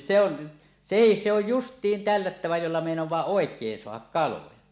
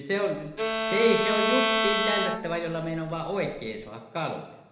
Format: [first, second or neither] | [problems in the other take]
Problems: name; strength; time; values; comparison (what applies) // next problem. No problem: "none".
first | background sound (Bowed string instrument); as loud as the speech // room echo; dies away in 0.8 s